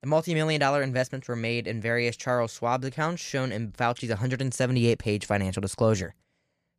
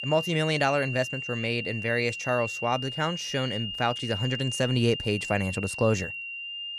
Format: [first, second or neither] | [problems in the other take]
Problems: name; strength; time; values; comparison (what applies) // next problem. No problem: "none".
first | high-pitched whine; loud; throughout; 3 kHz, 5 dB below the speech